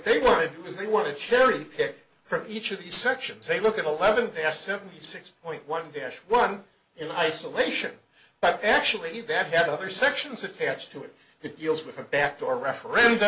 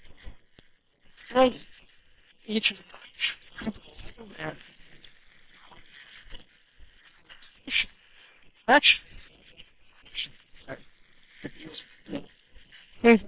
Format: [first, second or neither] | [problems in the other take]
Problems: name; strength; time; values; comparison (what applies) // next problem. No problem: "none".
first | noise reduction (neural separator model SepFormer WHAM!)